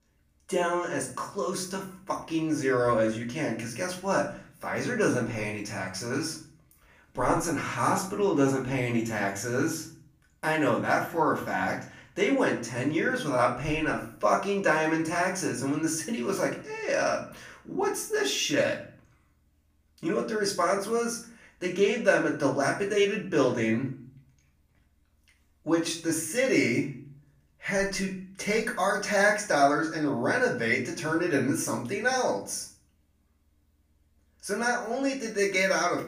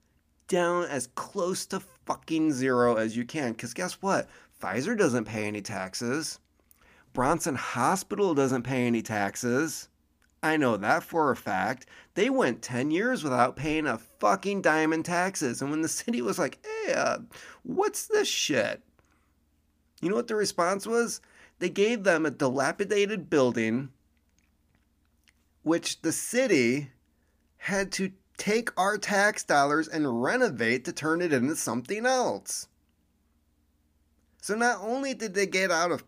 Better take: second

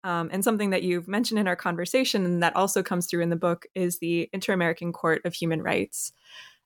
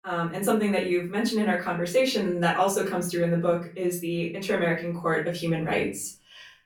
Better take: first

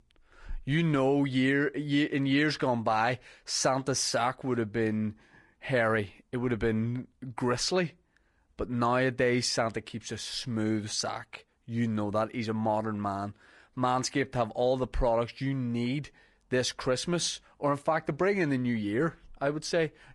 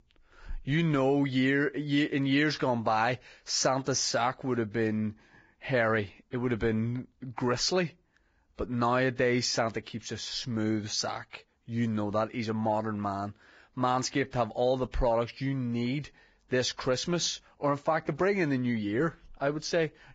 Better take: first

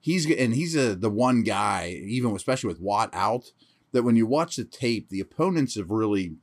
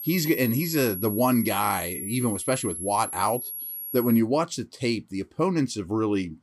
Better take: first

